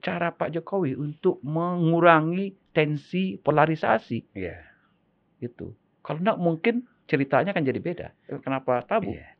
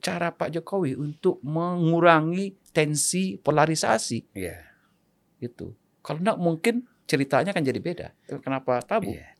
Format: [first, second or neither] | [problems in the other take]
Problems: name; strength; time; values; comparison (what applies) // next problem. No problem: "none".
second | muffled; very; fading above 3 kHz